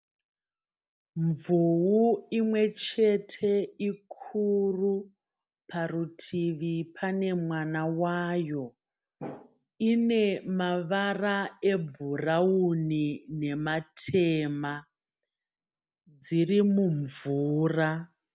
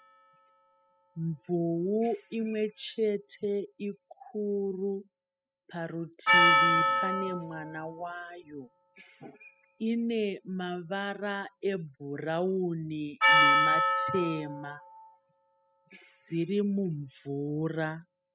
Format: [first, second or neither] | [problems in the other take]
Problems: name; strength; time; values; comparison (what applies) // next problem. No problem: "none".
first | noise reduction (classical method spectral subtraction)